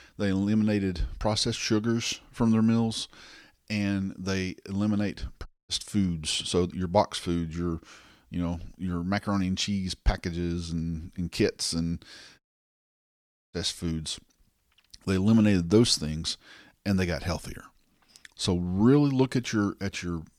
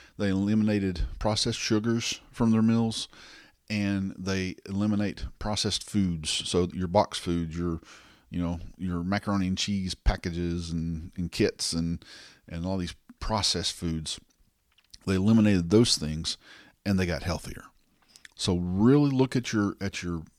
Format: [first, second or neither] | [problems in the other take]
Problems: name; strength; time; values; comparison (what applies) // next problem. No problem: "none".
second | audio cutting out; at 5.5 s and at 12 s for 1 s